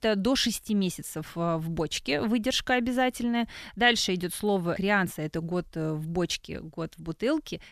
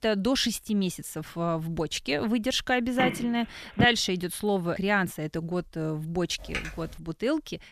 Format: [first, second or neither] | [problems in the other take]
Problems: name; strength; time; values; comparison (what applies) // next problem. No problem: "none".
first | phone ringing; noticeable; at 3 s; peak 1 dB below the speech // keyboard typing; noticeable; at 6.5 s; peak 7 dB below the speech